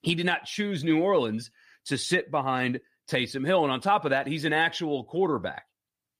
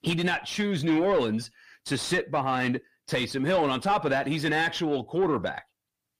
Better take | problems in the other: first | distortion; slight; 10 dB below the speech

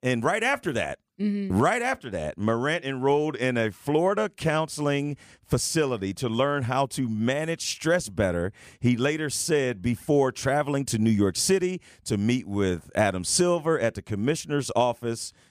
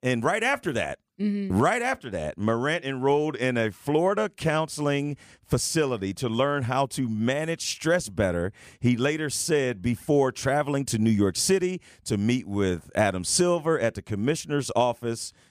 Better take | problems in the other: neither | none

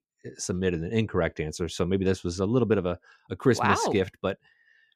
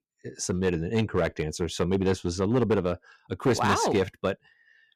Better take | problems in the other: first | distortion; slight; 4% of the sound clipped

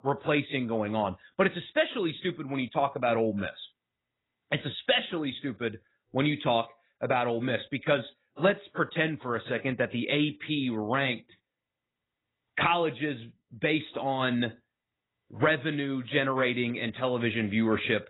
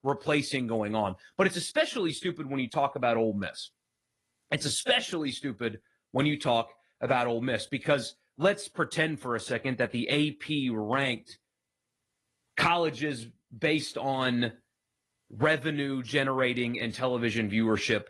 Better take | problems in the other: second | garbled, watery; badly; nothing above 4 kHz; slightly in the second

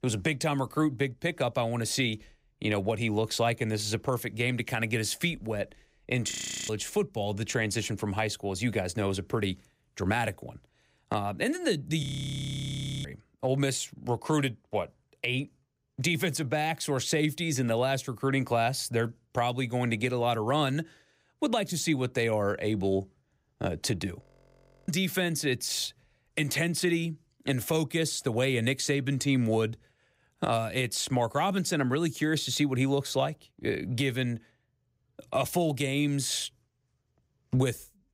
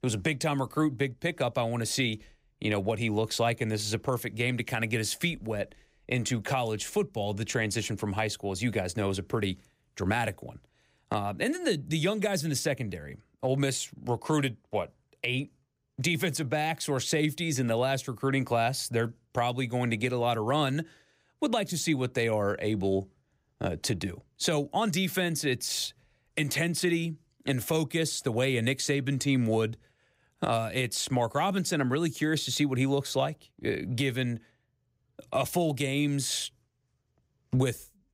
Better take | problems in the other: second | audio freezing; at 6.5 s, at 12 s for 1 s and at 24 s for 0.5 s

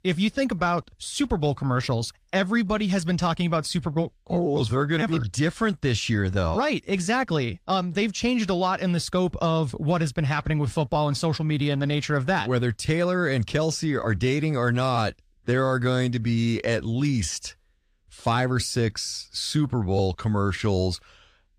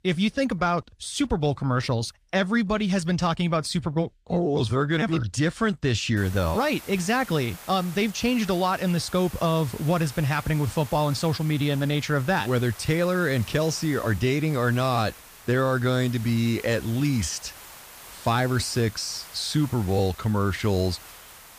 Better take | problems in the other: first | hiss; noticeable; from 6 s on; 15 dB below the speech

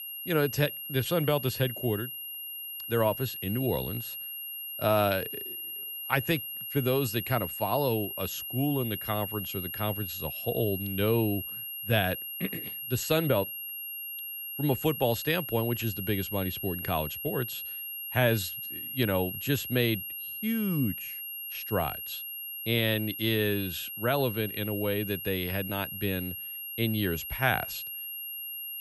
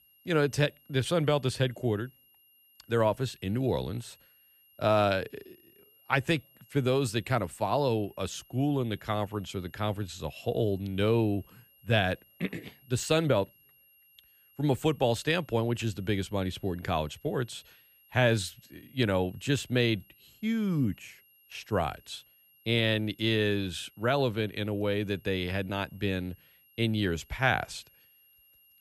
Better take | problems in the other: second | high-pitched whine; loud; throughout; 11.5 kHz, 5 dB below the speech; faint in the second

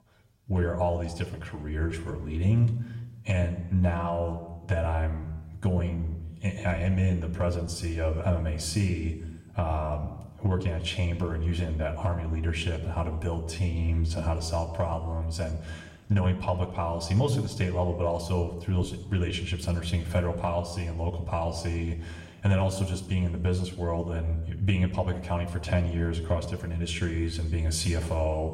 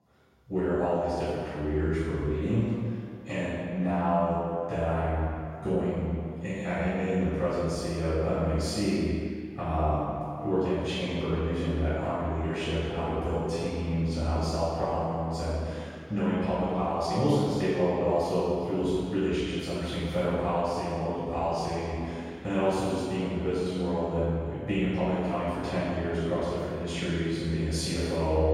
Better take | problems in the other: first | room echo; strong; dies away in 2.1 s; slight in the first // off-mic speech; far; somewhat distant in the first

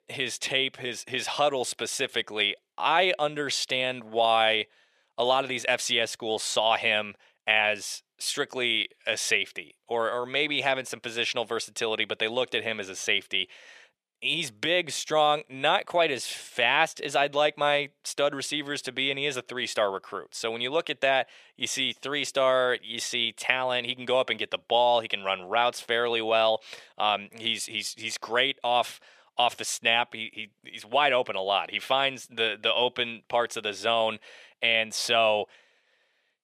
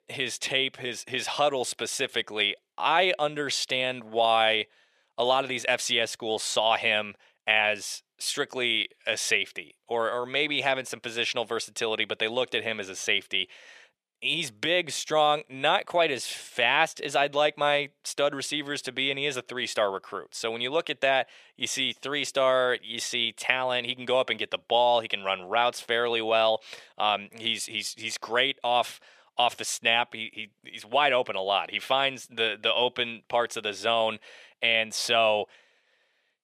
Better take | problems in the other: neither | thin; very; fading below 500 Hz; the same in both

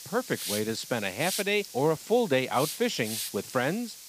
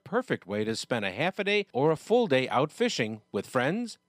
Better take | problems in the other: second | hiss; loud; throughout; 7 dB below the speech

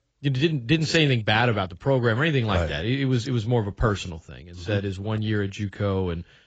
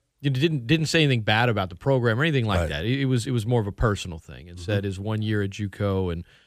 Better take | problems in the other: second | garbled, watery; badly; nothing above 7.5 kHz

